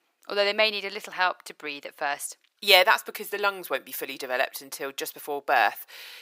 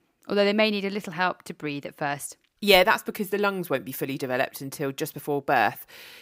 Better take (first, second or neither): second